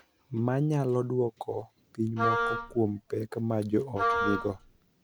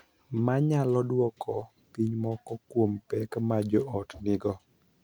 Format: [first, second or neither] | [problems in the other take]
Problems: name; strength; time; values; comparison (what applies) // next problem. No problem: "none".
second | background sound (Wind instrument, woodwind instrument); as loud as the speech